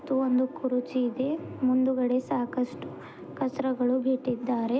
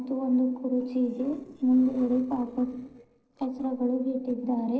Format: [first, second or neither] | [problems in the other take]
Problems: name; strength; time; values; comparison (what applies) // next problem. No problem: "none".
first | noise reduction (neural separator model SepFormer DNS4)